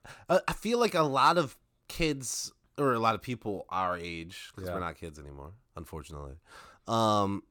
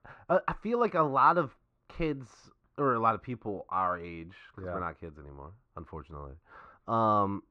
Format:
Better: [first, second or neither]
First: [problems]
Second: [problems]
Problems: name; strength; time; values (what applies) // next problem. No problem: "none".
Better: first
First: none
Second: muffled; very; fading above 1.5 kHz